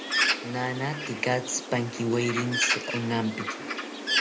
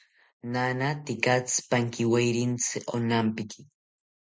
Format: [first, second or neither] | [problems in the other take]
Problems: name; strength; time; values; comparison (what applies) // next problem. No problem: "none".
second | background sound (Bird); as loud as the speech